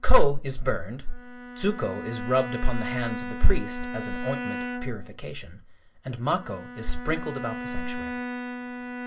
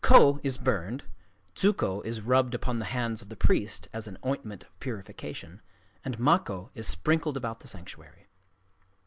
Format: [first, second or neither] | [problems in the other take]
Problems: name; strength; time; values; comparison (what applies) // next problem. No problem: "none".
second | background sound (Bowed string instrument); 12 dB below the speech // room echo; dies away in 0.2 s